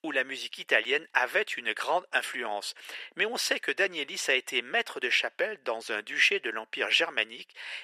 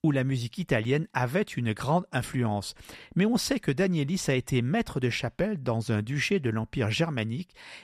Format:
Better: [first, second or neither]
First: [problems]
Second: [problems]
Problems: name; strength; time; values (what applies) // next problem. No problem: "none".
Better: second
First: thin; very; fading below 400 Hz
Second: none